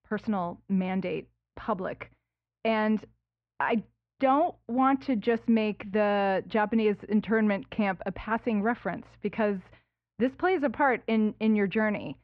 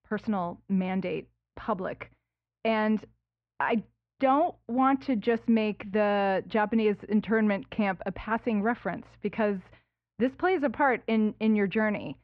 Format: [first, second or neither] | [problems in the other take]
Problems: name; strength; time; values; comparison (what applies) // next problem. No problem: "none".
neither | muffled; very; fading above 2 kHz; the same in both